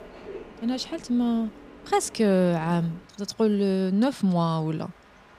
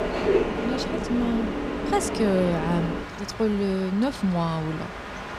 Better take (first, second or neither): first